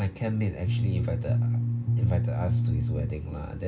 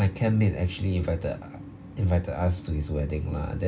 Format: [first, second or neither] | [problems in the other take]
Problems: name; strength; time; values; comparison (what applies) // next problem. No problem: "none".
second | background sound (Bass guitar); 5 dB above the speech